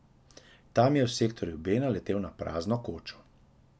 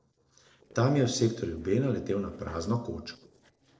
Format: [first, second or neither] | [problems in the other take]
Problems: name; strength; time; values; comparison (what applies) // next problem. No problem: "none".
first | noise reduction (neural separator model SepFormer DNS4)